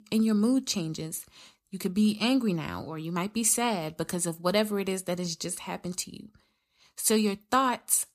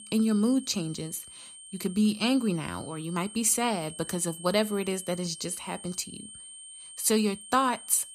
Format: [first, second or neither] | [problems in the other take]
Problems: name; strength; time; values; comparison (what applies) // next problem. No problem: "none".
first | high-pitched whine; noticeable; throughout; 8.5 kHz, 15 dB below the speech